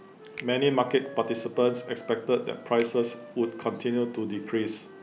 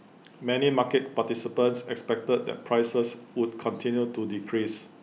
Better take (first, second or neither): second